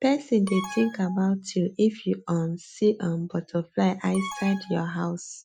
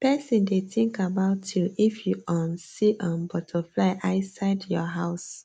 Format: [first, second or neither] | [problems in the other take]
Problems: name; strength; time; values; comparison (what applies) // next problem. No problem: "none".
second | noise reduction (classical method Wiener filter)